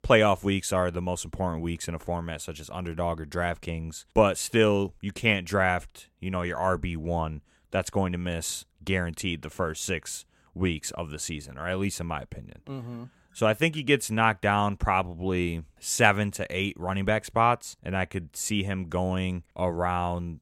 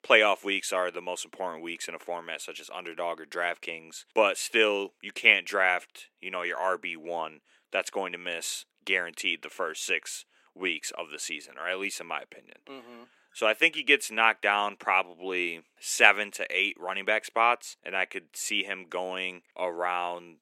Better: first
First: none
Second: thin; very; fading below 300 Hz

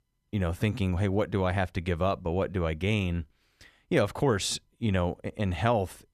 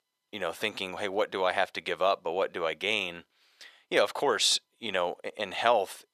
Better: first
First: none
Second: thin; very; fading below 600 Hz

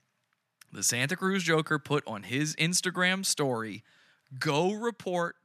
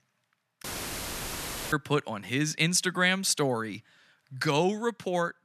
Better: first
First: none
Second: audio cutting out; filled with static; at 0.5 s for 1 s

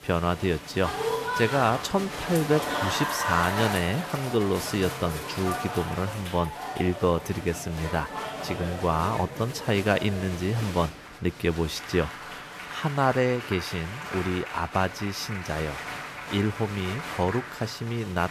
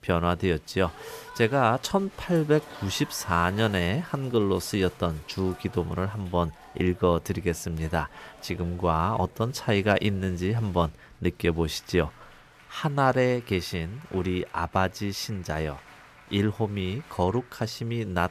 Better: second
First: crowd noise; loud; throughout; 6 dB below the speech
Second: crowd noise; faint; throughout; 20 dB below the speech

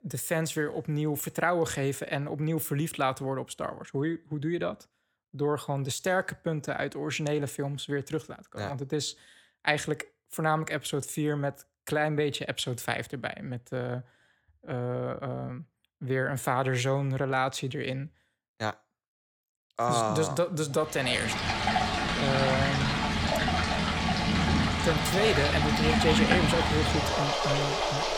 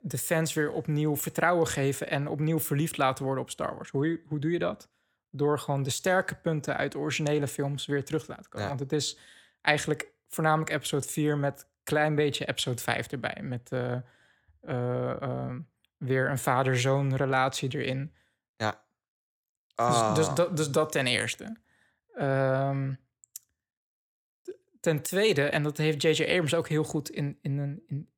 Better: second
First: rain or running water; very loud; from 21 s on; 3 dB above the speech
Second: none

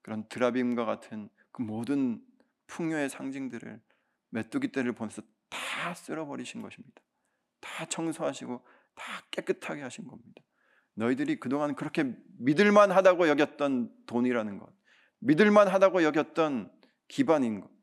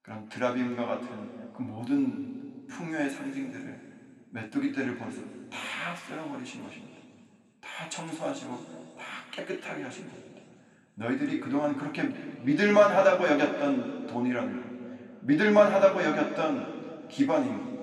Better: first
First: none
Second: room echo; noticeable; dies away in 2.3 s // off-mic speech; somewhat distant

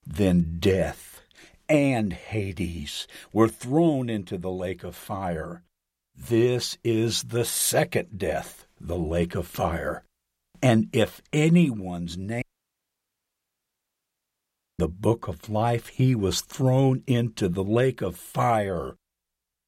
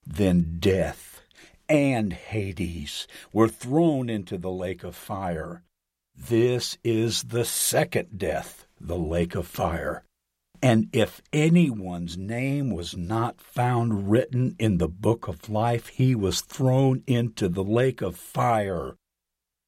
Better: second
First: audio cutting out; at 12 s for 2.5 s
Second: none

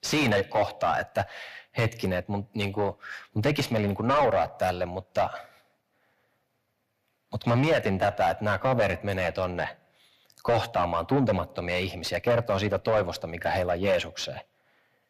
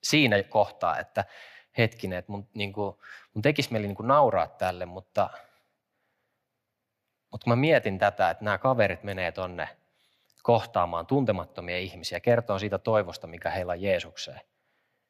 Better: second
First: distortion; heavy; 6 dB below the speech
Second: none

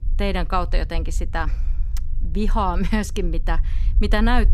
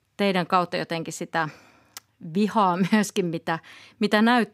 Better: second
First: low rumble; faint; throughout; 25 dB below the speech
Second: none

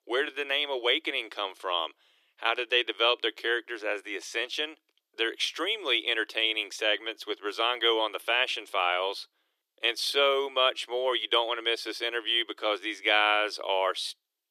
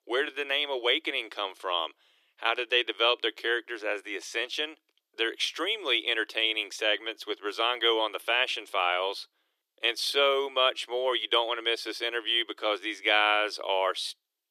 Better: neither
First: thin; very; fading below 300 Hz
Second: thin; very; fading below 300 Hz

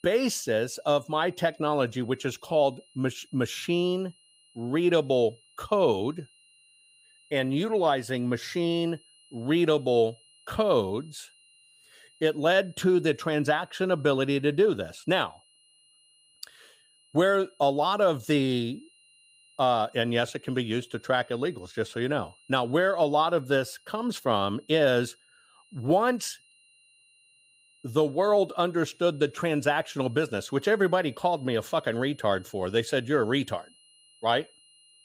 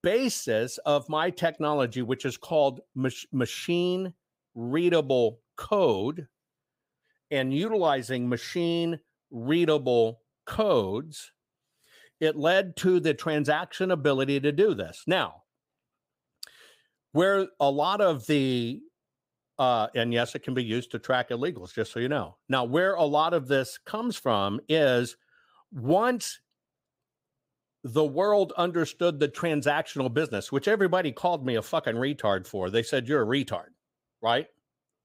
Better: second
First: high-pitched whine; faint; throughout; 3 kHz, 30 dB below the speech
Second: none

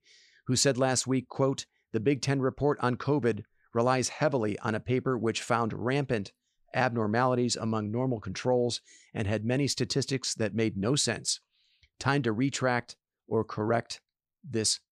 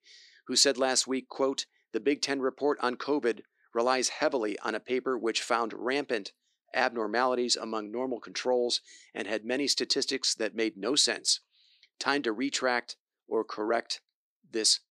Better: first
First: none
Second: thin; very slightly; fading below 300 Hz

